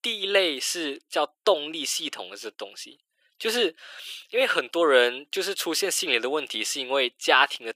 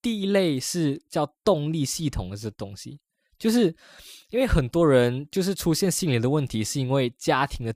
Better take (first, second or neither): second